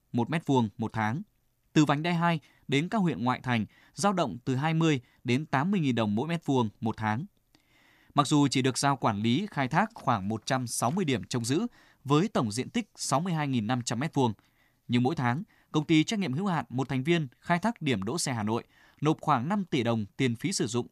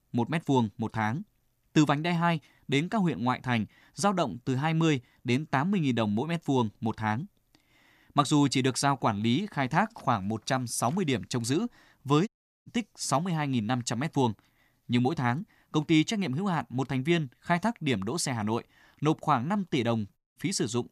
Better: first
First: none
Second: audio cutting out; at 12 s and at 20 s

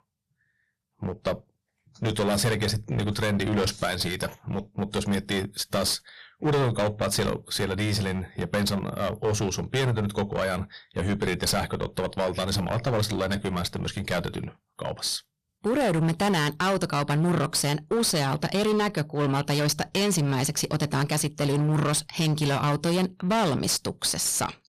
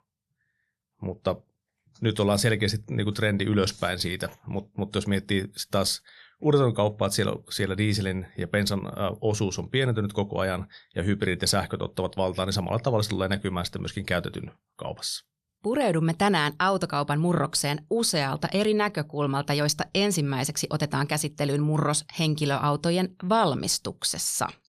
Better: second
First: distortion; heavy; 16% of the sound clipped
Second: none

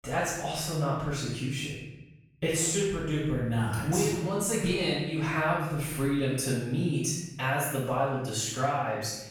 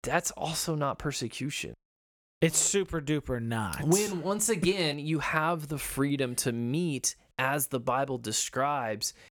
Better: second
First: off-mic speech; far // room echo; strong; dies away in 0.9 s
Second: none

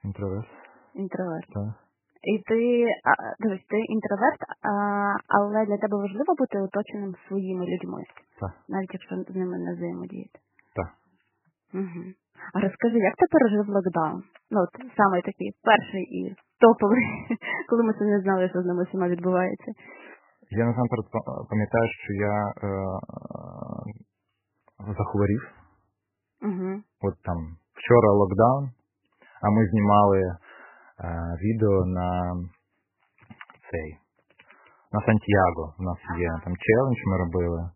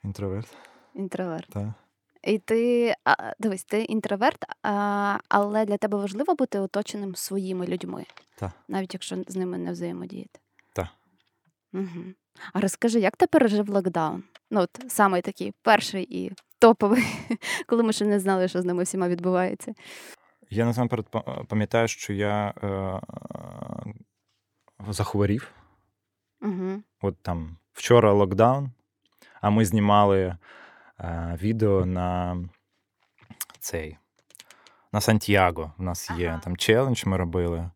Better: second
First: garbled, watery; badly; nothing above 3 kHz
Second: none

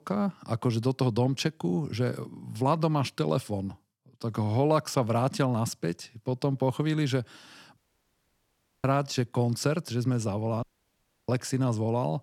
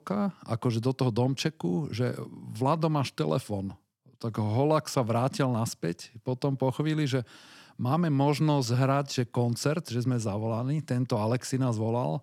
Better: second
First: audio cutting out; at 8 s for 1 s and at 11 s for 0.5 s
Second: none

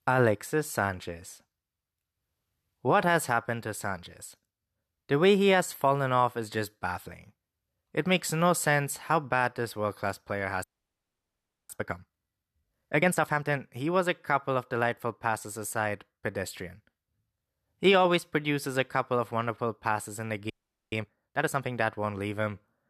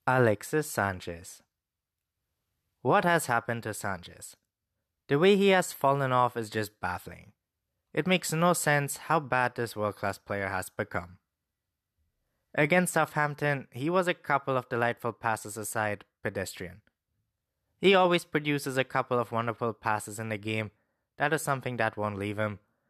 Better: second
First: audio freezing; at 11 s for 1 s and at 21 s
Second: none

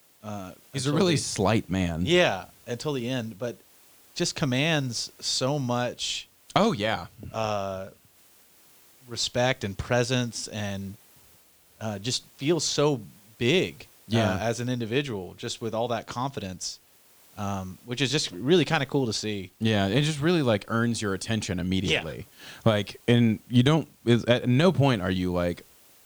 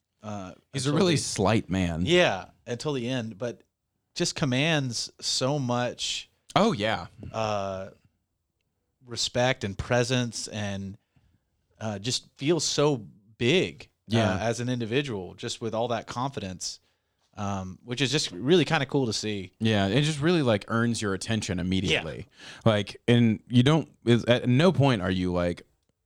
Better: second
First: hiss; faint; throughout; 25 dB below the speech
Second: none

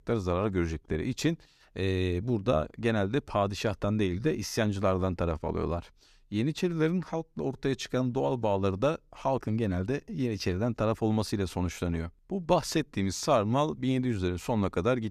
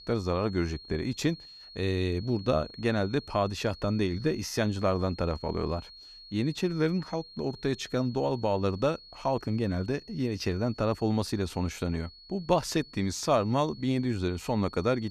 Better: first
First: none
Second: high-pitched whine; noticeable; throughout; 4.5 kHz, 20 dB below the speech

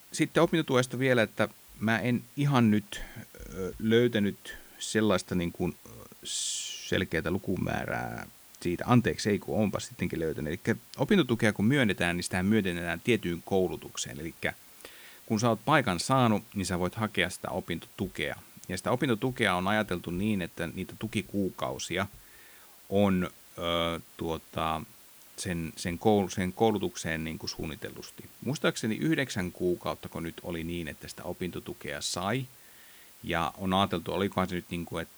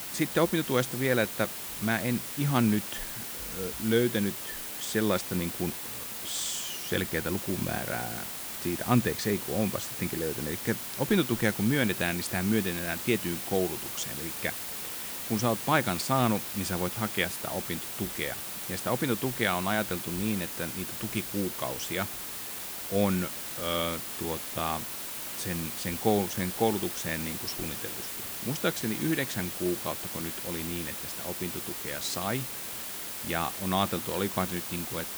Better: first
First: hiss; faint; throughout; 20 dB below the speech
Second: hiss; loud; throughout; 4 dB below the speech

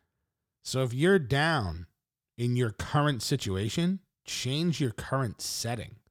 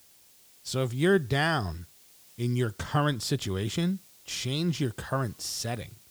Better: first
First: none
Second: hiss; faint; throughout; 25 dB below the speech

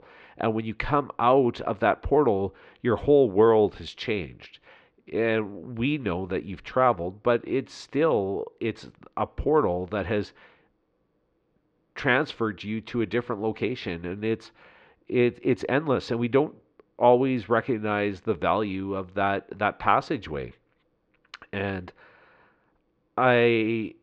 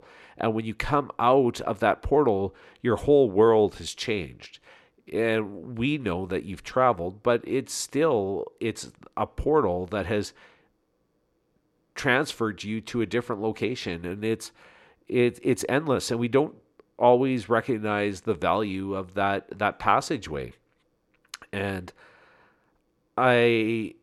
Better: second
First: muffled; slightly; fading above 3.5 kHz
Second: none

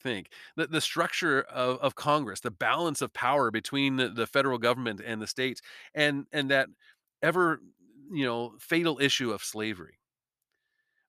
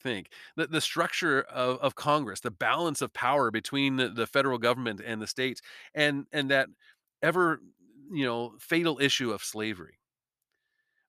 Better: neither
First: none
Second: none

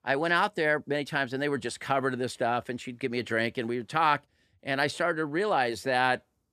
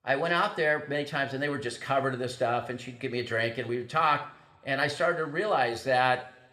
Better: first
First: none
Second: room echo; very slight; dies away in 0.7 s

